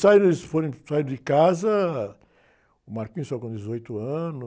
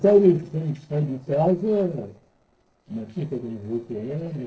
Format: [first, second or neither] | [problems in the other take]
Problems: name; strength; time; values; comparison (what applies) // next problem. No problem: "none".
first | noise reduction (neural separator model SepFormer DNS4)